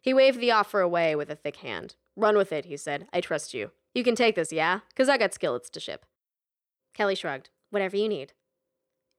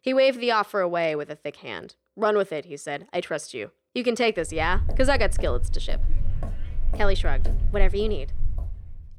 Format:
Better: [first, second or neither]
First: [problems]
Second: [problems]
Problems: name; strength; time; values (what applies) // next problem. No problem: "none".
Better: first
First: none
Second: footsteps; noticeable; from 4.5 s on; peak 1 dB below the speech